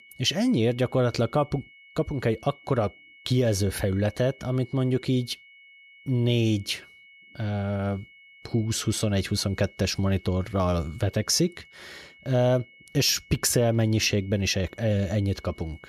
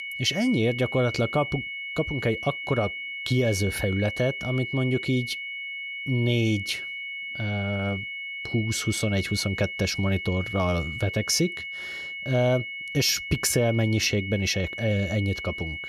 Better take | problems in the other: first | high-pitched whine; loud; throughout; 2 kHz, 6 dB below the speech; faint in the first

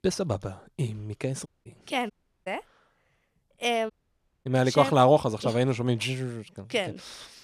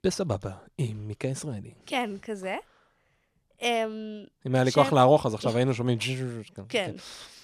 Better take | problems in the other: second | audio cutting out; at 1.5 s, at 2 s and at 4 s for 0.5 s

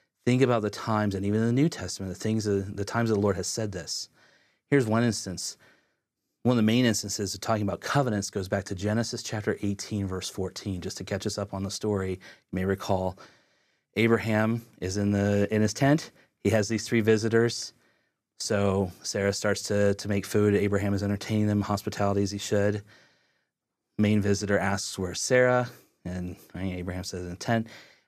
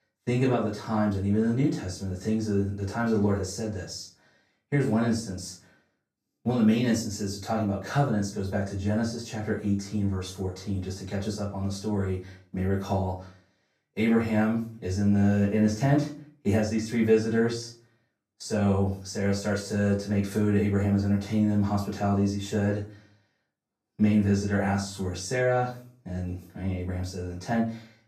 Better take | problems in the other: first | off-mic speech; far // room echo; slight; dies away in 0.3 s

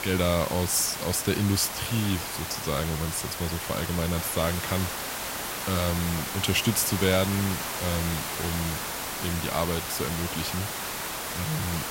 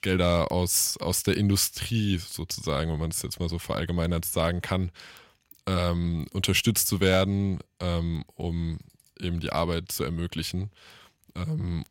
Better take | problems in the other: second | hiss; loud; throughout; 3 dB below the speech

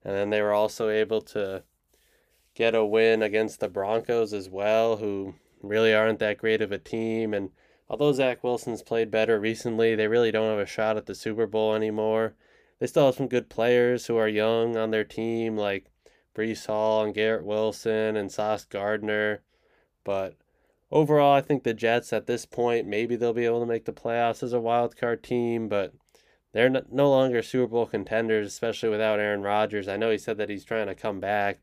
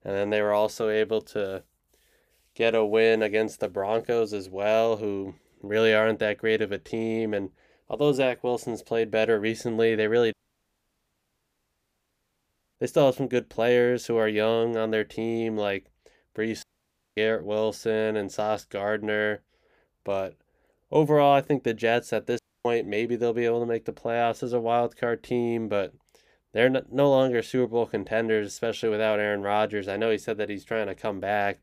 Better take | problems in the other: first | audio cutting out; at 10 s for 2.5 s, at 17 s for 0.5 s and at 22 s

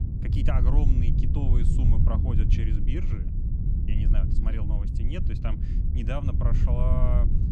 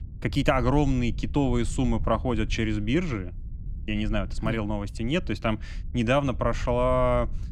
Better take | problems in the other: second | low rumble; loud; throughout; 2 dB below the speech; faint in the second

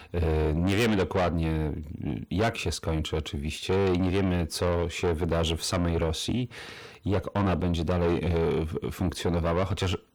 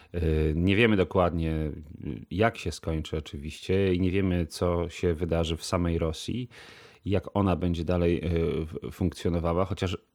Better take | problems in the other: second | distortion; heavy; 6 dB below the speech

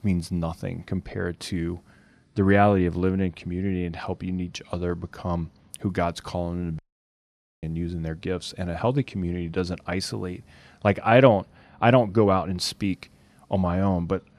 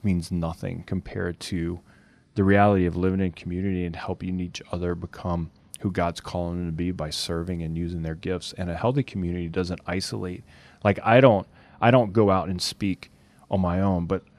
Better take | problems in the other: second | audio cutting out; at 7 s for 1 s

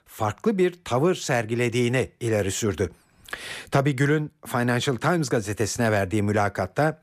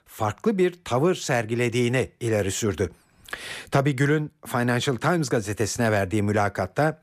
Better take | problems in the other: neither | none

